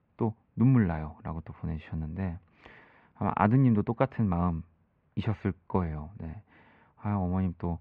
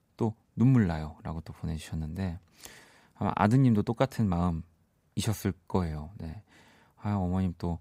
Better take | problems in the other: second | muffled; very; fading above 2.5 kHz

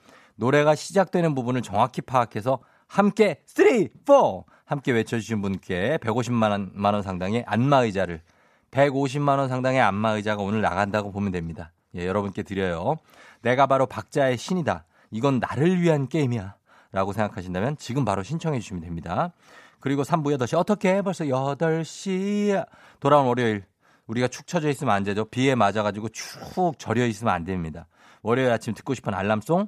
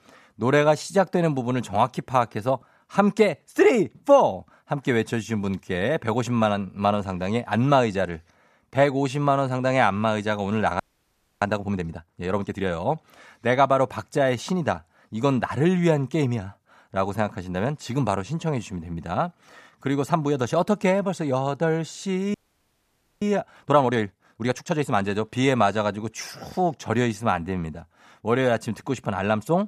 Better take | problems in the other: first | audio freezing; at 11 s for 0.5 s and at 22 s for 1 s

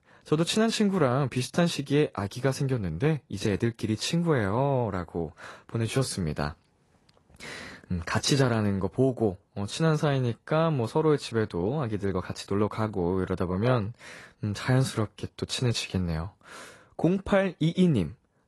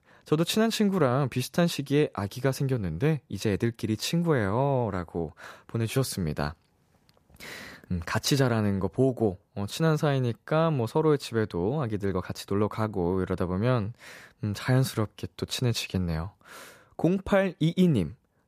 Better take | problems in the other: second | garbled, watery; slightly; nothing above 11.5 kHz

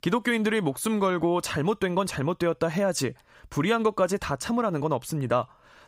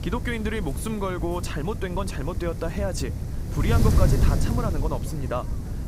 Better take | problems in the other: first | wind noise on the microphone; heavy; 7 dB below the speech

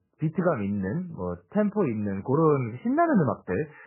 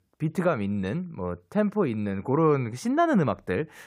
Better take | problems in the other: second | garbled, watery; badly; nothing above 2.5 kHz

